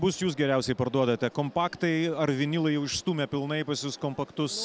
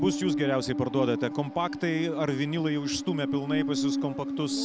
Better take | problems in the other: first | background sound (Musical instrument); 3 dB below the speech

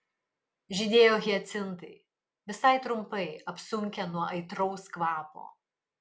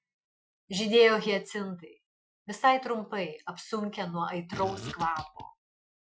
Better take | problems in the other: first | noise reduction (classical method Wiener filter)

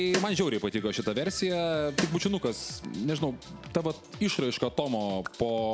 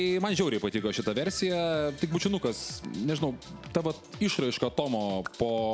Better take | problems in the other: second | background sound (Snare drum); 5 dB below the speech

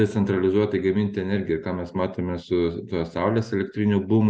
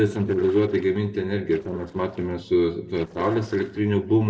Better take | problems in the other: first | noise reduction (neural separator model SepFormer DNS4)

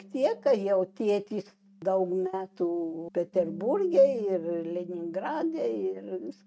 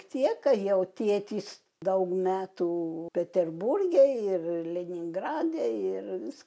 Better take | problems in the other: second | noise reduction (neural mask model RNNoise)

